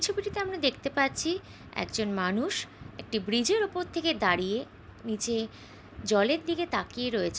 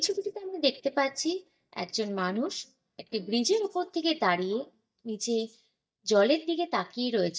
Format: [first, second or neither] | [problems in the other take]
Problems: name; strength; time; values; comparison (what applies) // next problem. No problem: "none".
first | noise reduction (neural mask model DeepFilterNet 3)